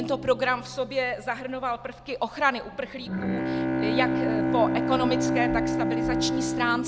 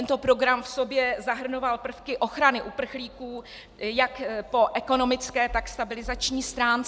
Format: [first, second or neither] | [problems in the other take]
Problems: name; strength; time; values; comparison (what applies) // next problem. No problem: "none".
second | background sound (Bowed string instrument); 1 dB above the speech